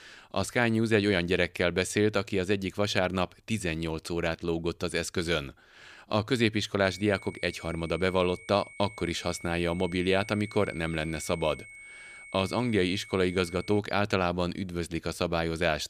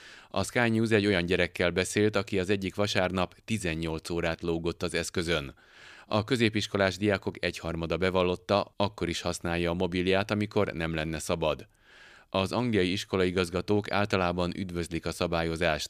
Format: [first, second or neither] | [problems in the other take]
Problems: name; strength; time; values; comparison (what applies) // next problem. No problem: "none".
second | high-pitched whine; noticeable; from 7 to 14 s; 2 kHz, 15 dB below the speech